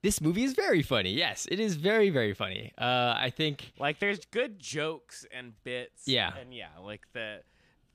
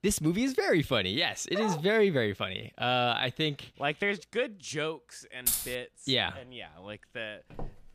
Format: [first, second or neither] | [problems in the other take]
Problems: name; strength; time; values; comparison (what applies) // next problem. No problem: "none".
first | dog barking; noticeable; at 1.5 s; peak 6 dB below the speech // jangling keys; loud; at 5.5 s; peak 1 dB above the speech // footsteps; faint; at 7.5 s; peak 15 dB below the speech